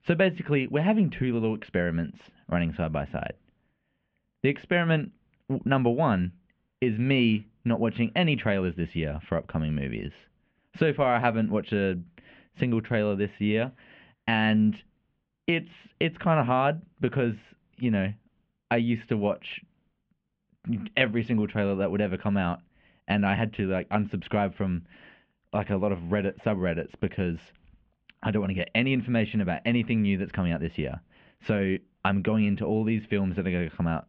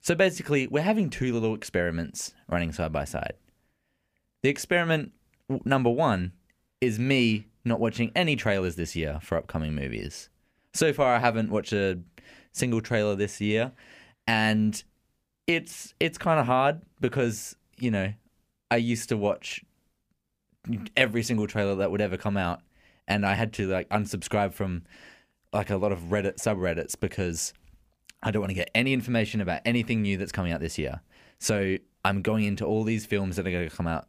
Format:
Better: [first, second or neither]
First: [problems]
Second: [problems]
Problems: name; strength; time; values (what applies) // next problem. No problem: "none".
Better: second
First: muffled; very; fading above 3 kHz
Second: none